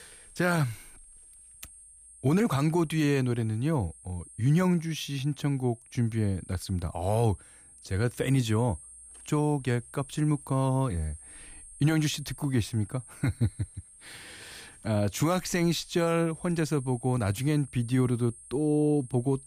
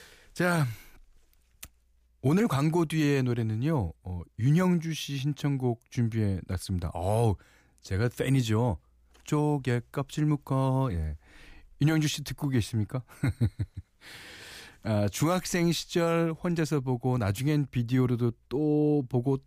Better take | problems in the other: second | high-pitched whine; noticeable; throughout; 8.5 kHz, 20 dB below the speech

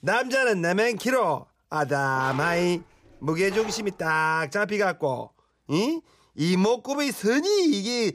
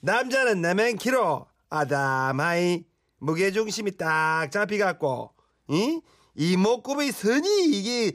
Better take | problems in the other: second | dog barking; noticeable; from 2 to 4 s; peak 9 dB below the speech

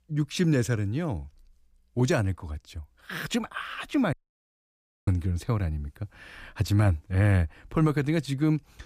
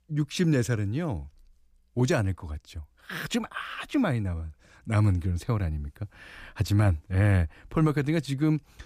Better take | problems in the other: second | audio cutting out; at 4 s for 1 s

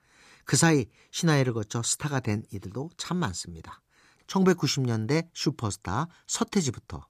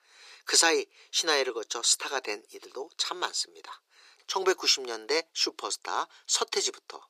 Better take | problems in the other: first | thin; very; fading below 400 Hz

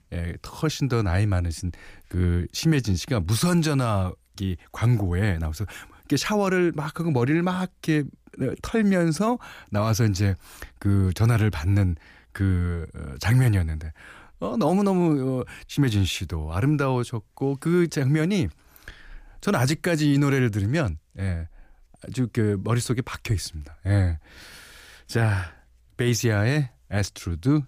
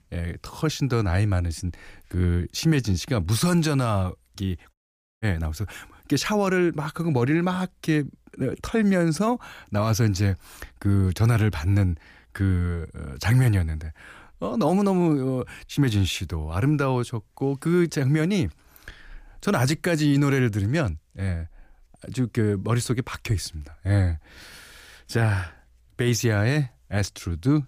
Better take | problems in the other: first | audio cutting out; at 4.5 s

